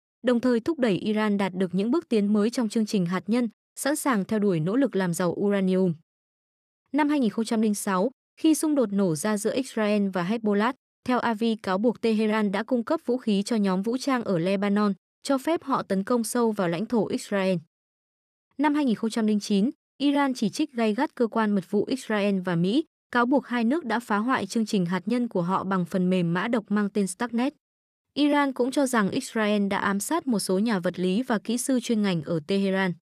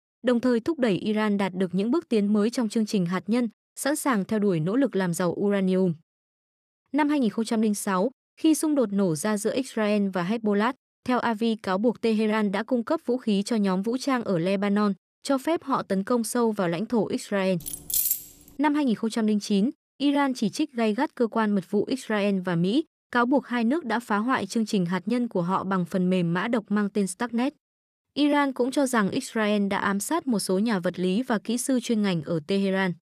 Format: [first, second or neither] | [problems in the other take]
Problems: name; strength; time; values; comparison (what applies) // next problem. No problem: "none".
first | jangling keys; loud; at 18 s; peak 2 dB above the speech